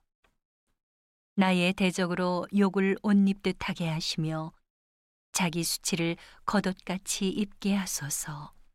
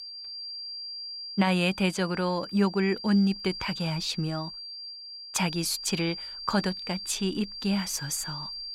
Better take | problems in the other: first | high-pitched whine; loud; throughout; 4.5 kHz, 9 dB below the speech

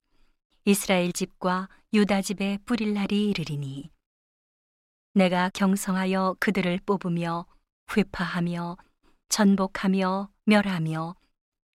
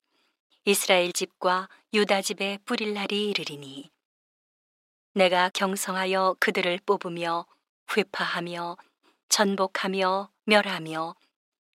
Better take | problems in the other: first | thin; somewhat; fading below 400 Hz

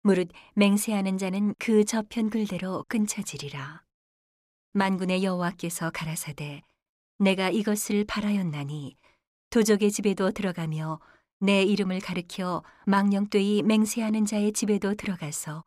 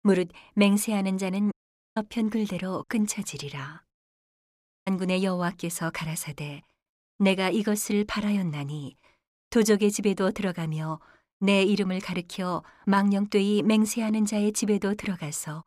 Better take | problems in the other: first | audio cutting out; at 1.5 s and at 4.5 s

